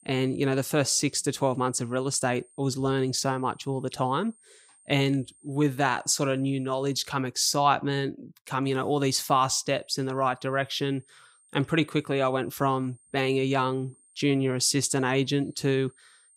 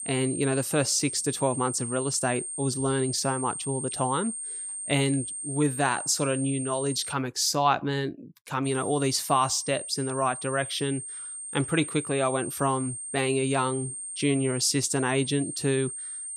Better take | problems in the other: first | high-pitched whine; loud; until 7 s and from 8.5 s on; 8.5 kHz, 6 dB below the speech; faint in the first

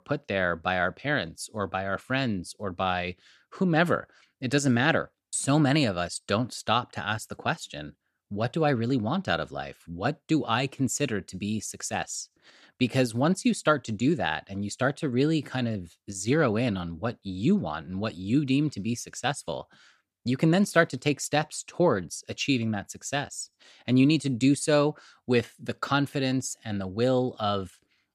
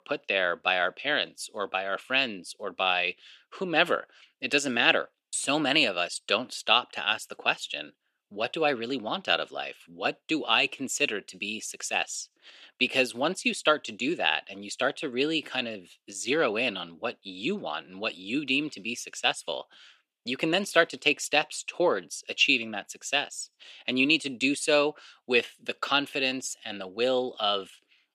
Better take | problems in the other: first | thin; somewhat; fading below 400 Hz

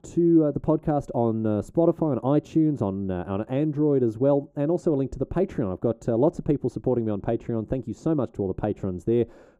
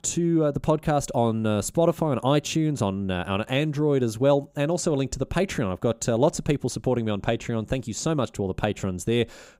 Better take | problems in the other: second | muffled; very; fading above 1.5 kHz

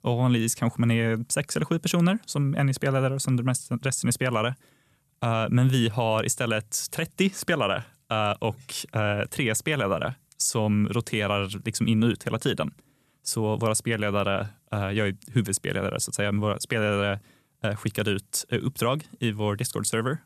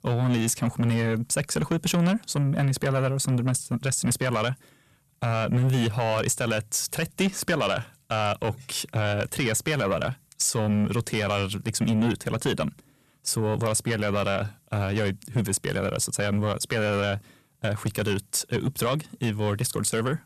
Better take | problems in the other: first | distortion; slight; 10 dB below the speech

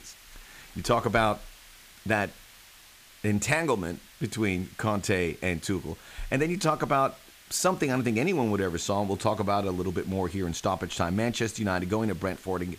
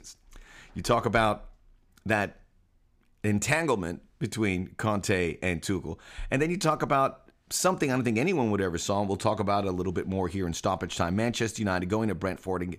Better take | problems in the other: second | hiss; faint; throughout; 20 dB below the speech

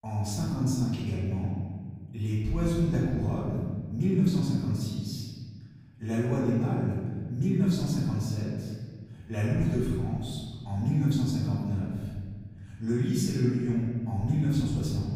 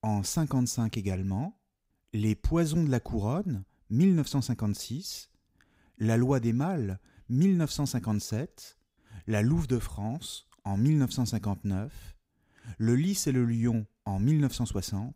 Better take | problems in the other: second | room echo; strong; dies away in 1.7 s // off-mic speech; far

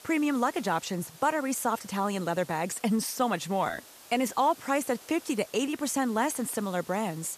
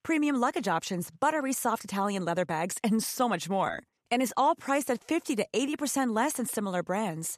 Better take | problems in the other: second | hiss; noticeable; throughout; 20 dB below the speech

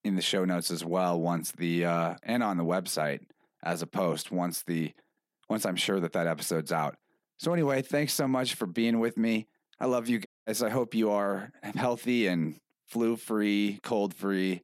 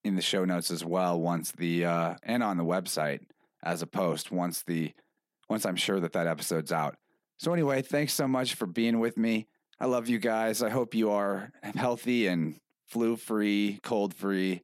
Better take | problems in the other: second | audio cutting out; at 10 s

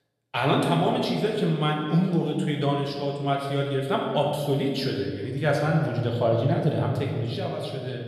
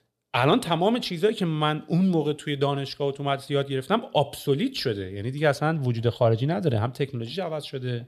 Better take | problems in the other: second | room echo; noticeable; dies away in 1.5 s // off-mic speech; somewhat distant

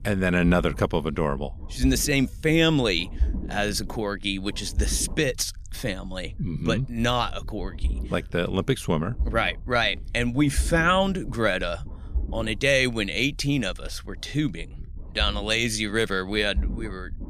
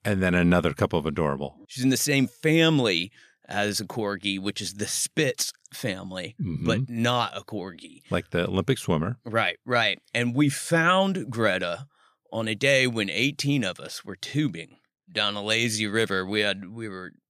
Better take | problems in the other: second | low rumble; faint; throughout; 25 dB below the speech

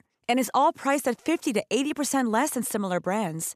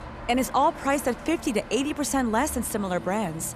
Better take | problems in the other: first | traffic noise; noticeable; throughout; 15 dB below the speech

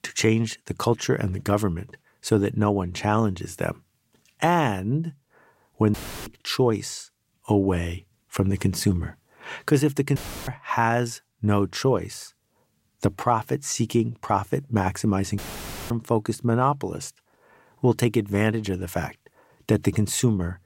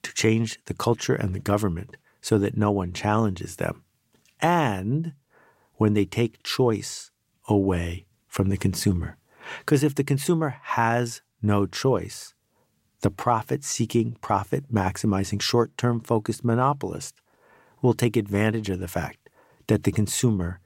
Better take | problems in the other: second | audio cutting out; filled with static; at 6 s, at 10 s and at 15 s for 0.5 s

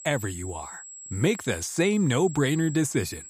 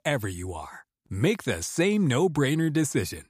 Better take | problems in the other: second | high-pitched whine; noticeable; throughout; 7.5 kHz, 15 dB below the speech

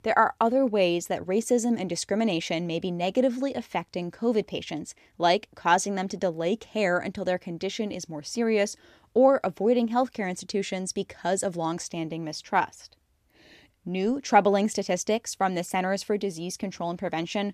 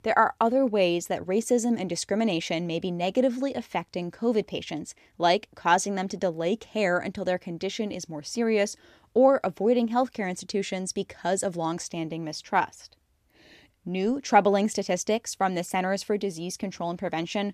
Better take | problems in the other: neither | none

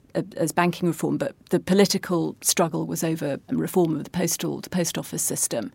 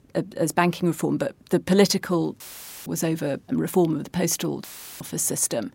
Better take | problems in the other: first | audio cutting out; filled with static; at 2.5 s and at 4.5 s

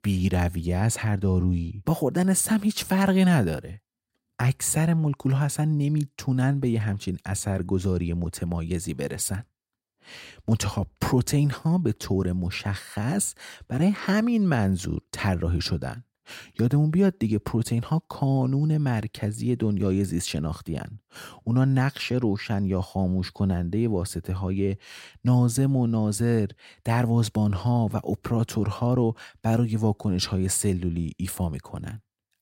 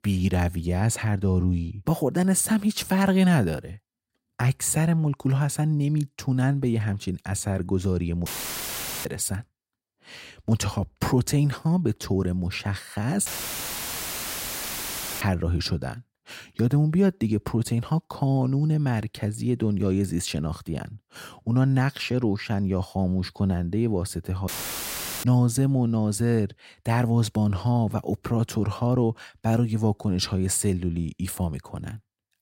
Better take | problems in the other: first | audio cutting out; filled with static; at 8.5 s for 1 s, at 13 s for 2 s and at 24 s for 1 s

